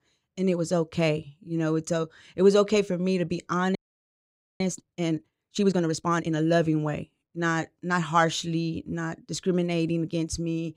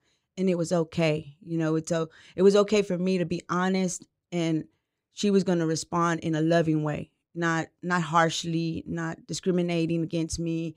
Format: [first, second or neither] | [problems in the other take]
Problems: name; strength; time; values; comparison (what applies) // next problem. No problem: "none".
second | audio freezing; at 4 s for 1 s